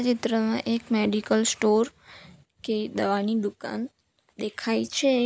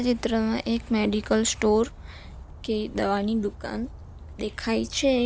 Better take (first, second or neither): first